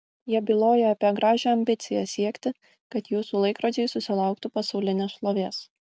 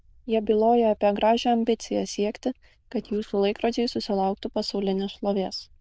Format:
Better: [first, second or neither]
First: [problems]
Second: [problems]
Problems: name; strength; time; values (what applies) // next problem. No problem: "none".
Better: first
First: none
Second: noise reduction (neural diffusion model UNIVERSE++)